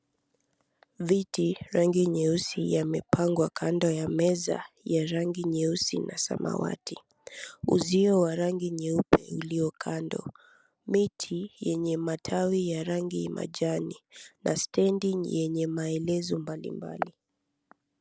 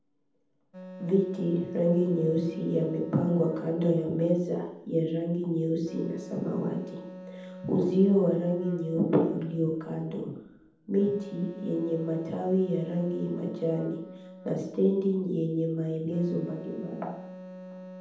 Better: first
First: none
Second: background sound (Wind instrument, woodwind instrument); 16 dB below the speech // room echo; dies away in 0.8 s

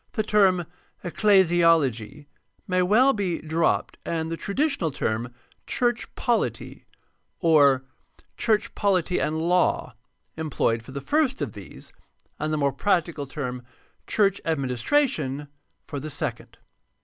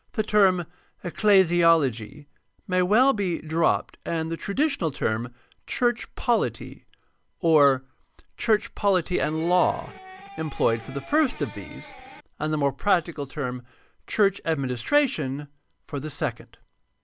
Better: first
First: none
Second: background sound (Electric guitar); 17 dB below the speech

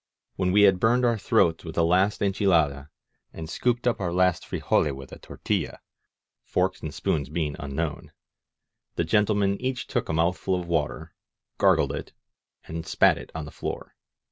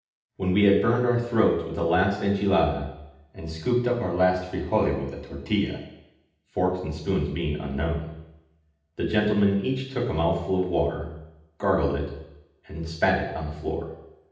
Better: first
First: none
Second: room echo; dies away in 0.8 s

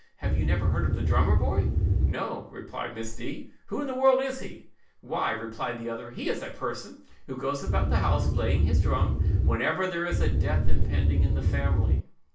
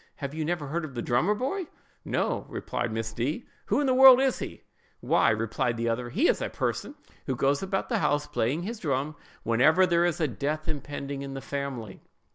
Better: second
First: background sound (Wind); 5 dB above the speech // room echo; dies away in 0.3 s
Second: none

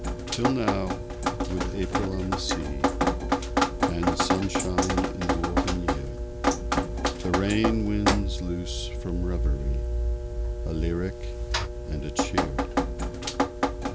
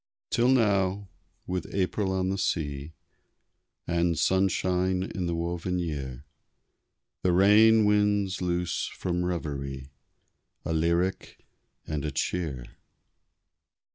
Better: second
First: background sound (Drip); 5 dB above the speech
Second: none

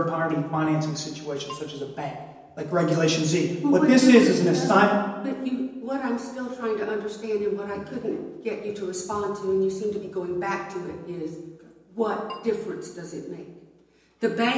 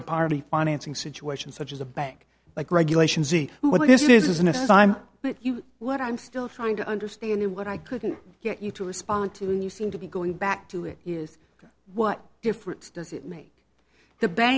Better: second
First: background sound (Keyboard (musical)); 20 dB below the speech // room echo; dies away in 1 s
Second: none

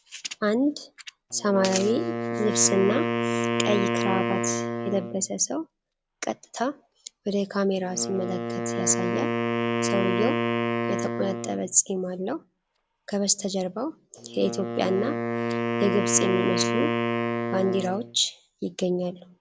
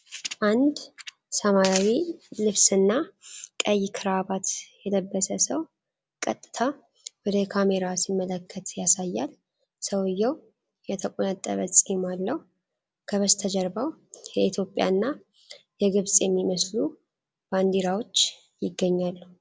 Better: second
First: background sound (Wind instrument, woodwind instrument); 2 dB below the speech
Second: none

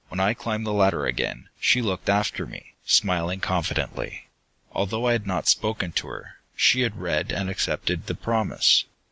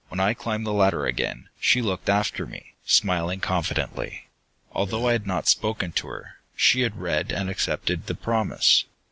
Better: first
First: none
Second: background sound (Burping, eructation); 13 dB below the speech

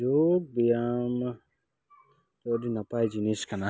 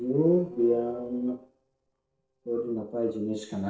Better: first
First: none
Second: noise reduction (neural separator model SepFormer DNS4)

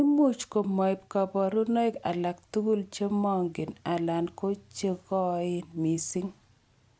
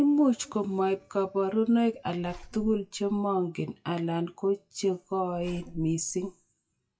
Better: first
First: none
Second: noise reduction (classical method WPE with log-MMSE)

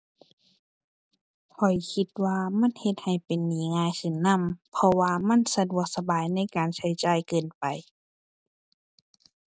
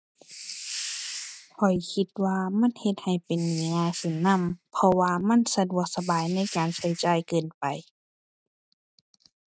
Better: first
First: none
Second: noise reduction (neural mask model RNNoise)

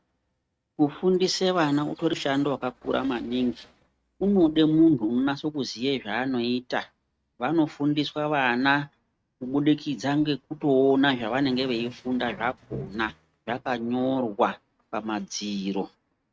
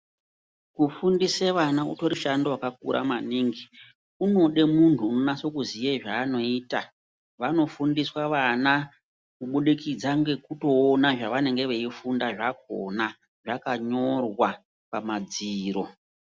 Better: second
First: noise reduction (neural mask model RNNoise)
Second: none

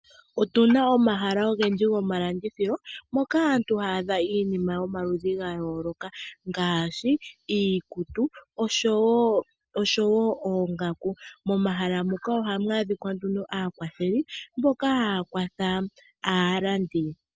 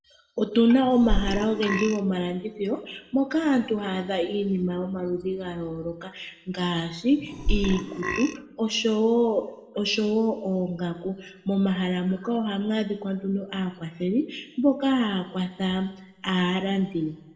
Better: first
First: none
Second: background sound (Burping, eructation); 2 dB below the speech // room echo; dies away in 0.9 s

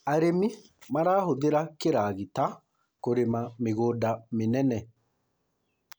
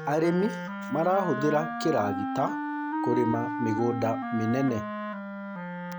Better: first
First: none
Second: background sound (Wind instrument, woodwind instrument); 4 dB below the speech

